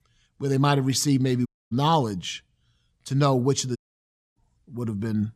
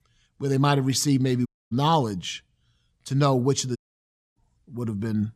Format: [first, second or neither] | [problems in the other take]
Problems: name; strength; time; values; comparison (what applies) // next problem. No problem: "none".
neither | audio cutting out; at 1.5 s and at 4 s for 0.5 s; the same in both